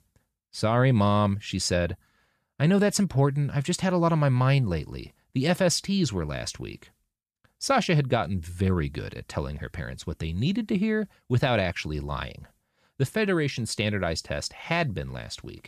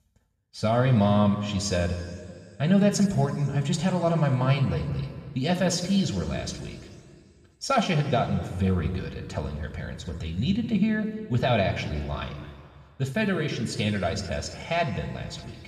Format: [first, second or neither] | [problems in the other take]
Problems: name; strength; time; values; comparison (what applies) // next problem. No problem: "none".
first | room echo; noticeable; dies away in 2.1 s // off-mic speech; somewhat distant